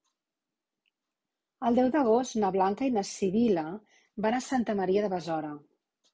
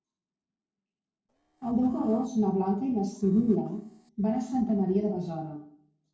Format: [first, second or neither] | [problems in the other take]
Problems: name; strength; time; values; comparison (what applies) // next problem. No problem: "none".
first | noise reduction (neural separator model SepFormer DNS4)